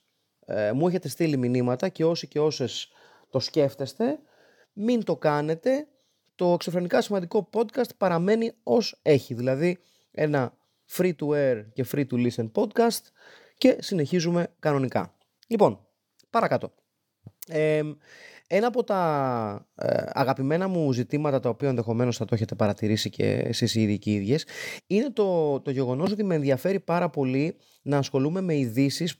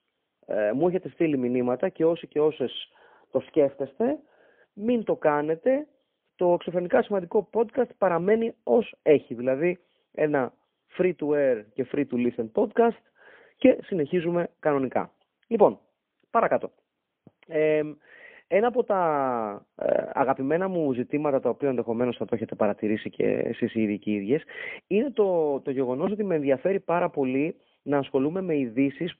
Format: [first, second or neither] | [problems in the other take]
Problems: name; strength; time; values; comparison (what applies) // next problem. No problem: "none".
first | phone-call audio; poor line; nothing above 3.5 kHz